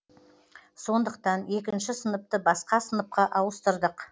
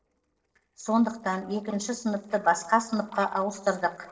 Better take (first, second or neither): first